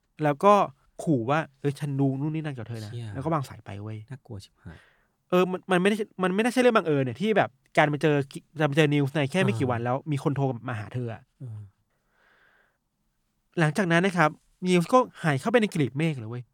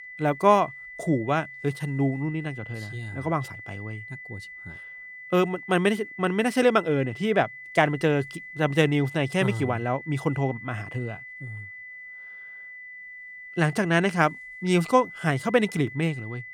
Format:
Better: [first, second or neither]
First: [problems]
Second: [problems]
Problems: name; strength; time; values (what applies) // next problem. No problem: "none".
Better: first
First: none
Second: high-pitched whine; noticeable; throughout; 2 kHz, 15 dB below the speech